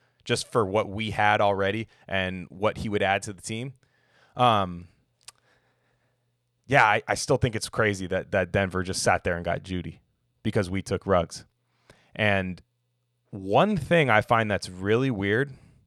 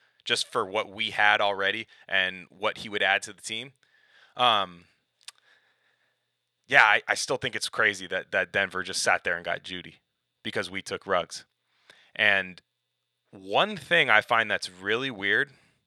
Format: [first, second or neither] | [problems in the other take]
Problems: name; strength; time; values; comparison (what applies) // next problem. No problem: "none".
first | thin; somewhat; fading below 600 Hz